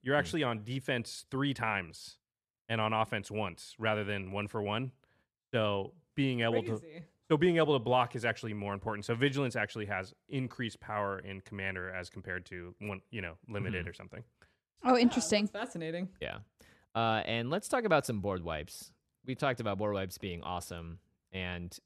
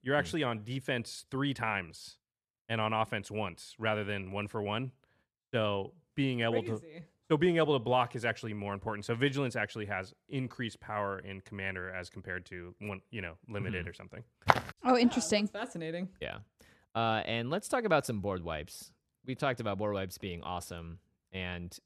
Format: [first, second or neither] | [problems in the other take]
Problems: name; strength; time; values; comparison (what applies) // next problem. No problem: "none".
first | footsteps; loud; at 14 s; peak 5 dB above the speech